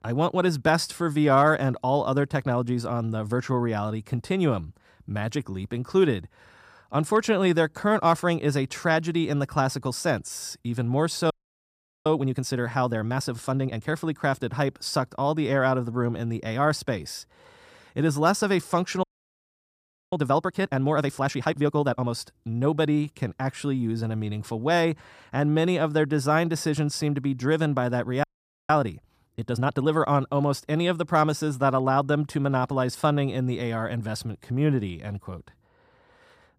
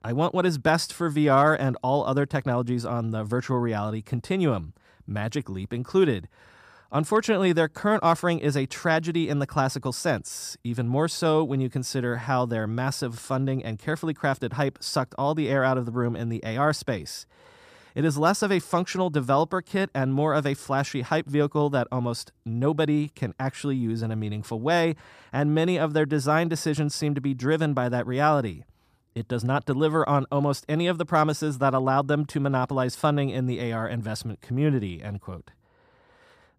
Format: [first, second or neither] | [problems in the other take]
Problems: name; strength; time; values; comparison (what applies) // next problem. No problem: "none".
second | audio freezing; at 11 s for 1 s, at 19 s for 1 s and at 28 s